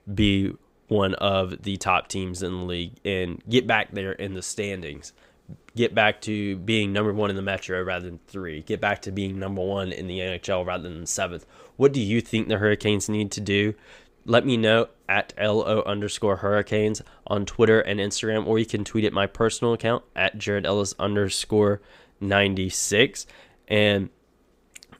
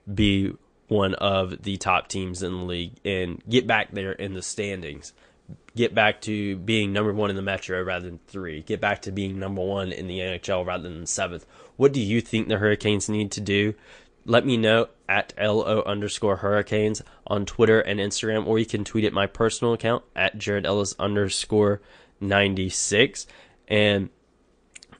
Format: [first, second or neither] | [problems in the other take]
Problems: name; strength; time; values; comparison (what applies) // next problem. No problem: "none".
first | garbled, watery; slightly; nothing above 9 kHz